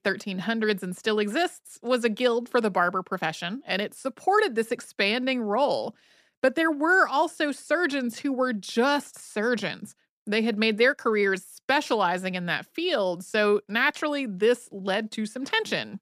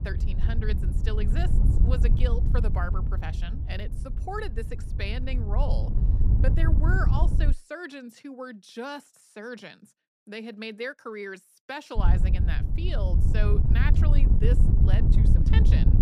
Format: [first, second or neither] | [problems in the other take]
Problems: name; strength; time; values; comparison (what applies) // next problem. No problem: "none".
first | wind noise on the microphone; heavy; until 7.5 s and from 12 s on; 4 dB below the speech